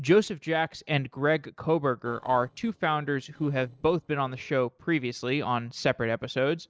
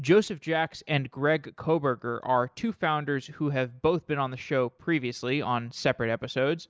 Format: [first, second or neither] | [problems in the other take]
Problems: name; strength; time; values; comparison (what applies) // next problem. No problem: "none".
second | noise reduction (neural separator model SepFormer DNS4)